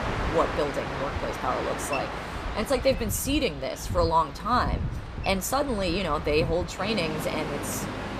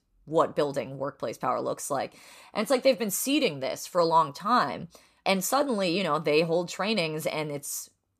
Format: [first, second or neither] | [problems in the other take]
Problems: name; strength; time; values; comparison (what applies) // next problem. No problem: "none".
second | train or aircraft noise; loud; throughout; 5 dB below the speech